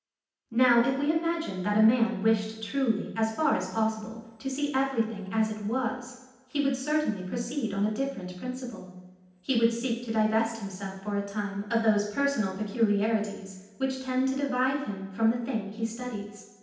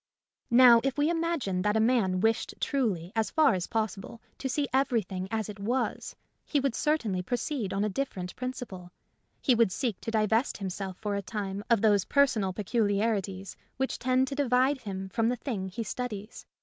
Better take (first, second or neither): second